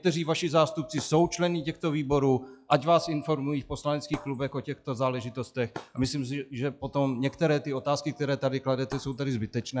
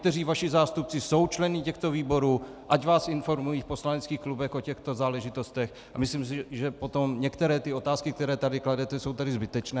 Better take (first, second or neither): second